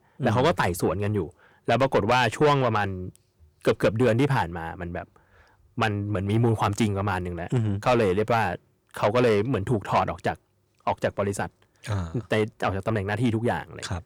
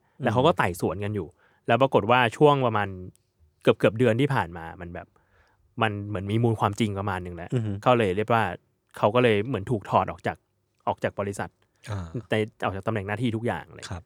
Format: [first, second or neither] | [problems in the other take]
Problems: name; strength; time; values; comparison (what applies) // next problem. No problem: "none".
second | distortion; heavy; 7 dB below the speech